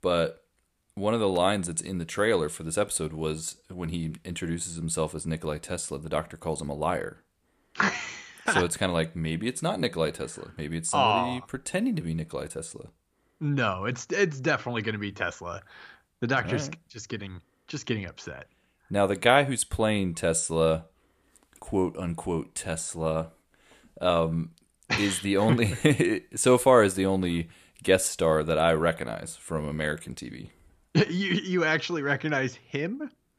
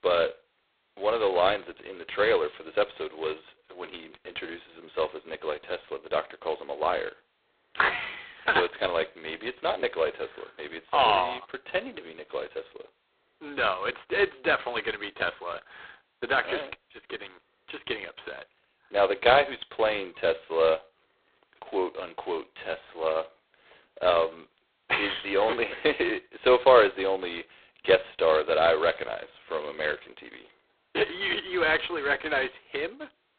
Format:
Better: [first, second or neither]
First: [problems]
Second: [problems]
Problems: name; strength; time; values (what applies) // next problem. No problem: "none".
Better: first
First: none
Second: phone-call audio; poor line; nothing above 4 kHz